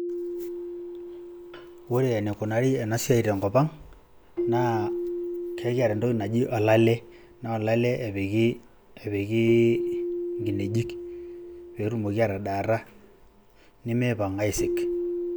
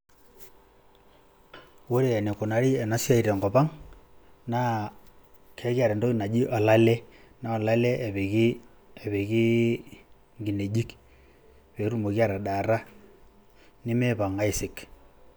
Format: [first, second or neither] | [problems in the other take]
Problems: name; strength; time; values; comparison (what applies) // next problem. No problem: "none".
second | background sound (Keyboard (musical)); 7 dB below the speech